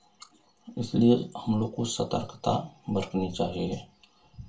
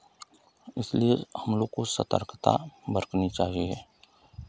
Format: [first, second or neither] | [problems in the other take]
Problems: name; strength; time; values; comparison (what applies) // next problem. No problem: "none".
second | room echo; dies away in 0.2 s